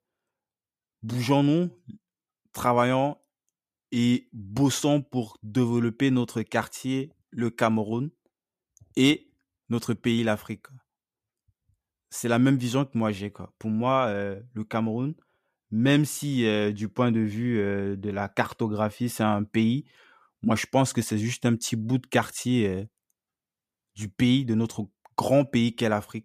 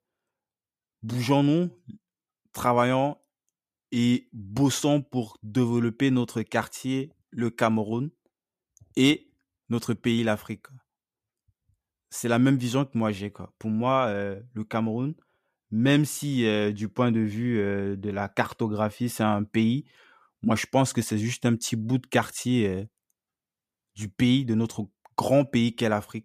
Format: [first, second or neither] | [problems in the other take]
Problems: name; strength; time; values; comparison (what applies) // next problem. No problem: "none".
neither | none